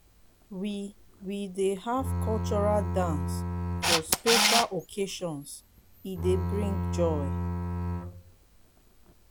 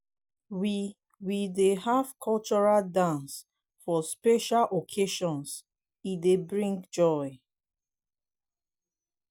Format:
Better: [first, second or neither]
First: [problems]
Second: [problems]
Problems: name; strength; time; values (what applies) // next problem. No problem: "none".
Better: second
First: background sound (Bowed string instrument + Camera); 1 dB above the speech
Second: none